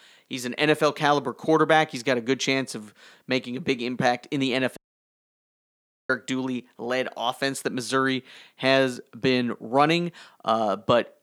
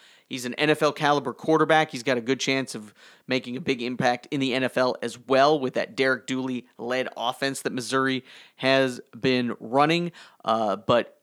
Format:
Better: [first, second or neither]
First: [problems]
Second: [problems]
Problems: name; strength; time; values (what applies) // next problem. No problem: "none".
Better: second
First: audio cutting out; at 5 s for 1.5 s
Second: none